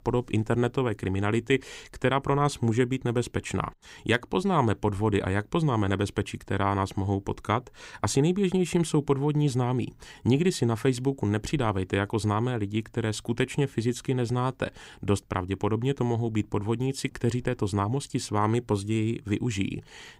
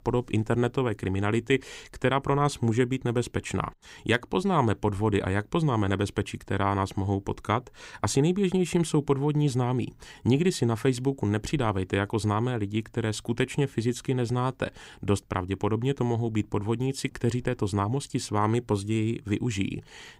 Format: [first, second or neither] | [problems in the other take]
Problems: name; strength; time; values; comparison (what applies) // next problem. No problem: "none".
neither | none